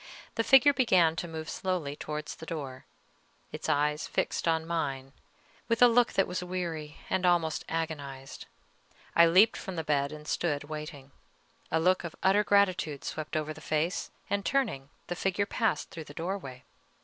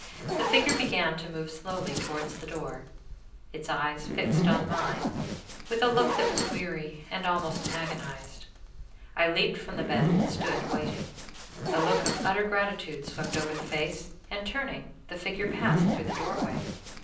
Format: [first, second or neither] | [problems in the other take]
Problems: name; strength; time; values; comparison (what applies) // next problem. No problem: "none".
first | background sound (Zipper (clothing)); as loud as the speech // room echo; dies away in 0.6 s